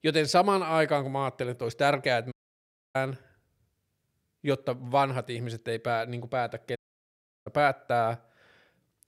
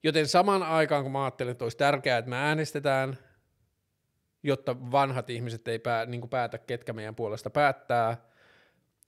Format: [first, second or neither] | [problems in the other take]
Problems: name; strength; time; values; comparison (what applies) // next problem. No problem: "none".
second | audio cutting out; at 2.5 s for 0.5 s and at 7 s for 0.5 s